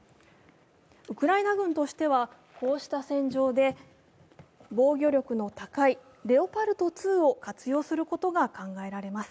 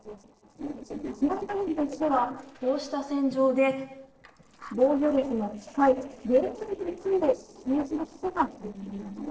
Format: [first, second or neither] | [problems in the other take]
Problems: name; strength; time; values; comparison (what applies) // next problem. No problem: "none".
first | noise reduction (neural separator model SepFormer DNS4)